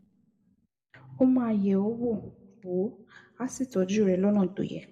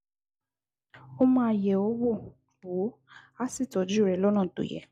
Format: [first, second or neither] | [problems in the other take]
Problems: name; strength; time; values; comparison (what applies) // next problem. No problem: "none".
second | room echo; dies away in 0.6 s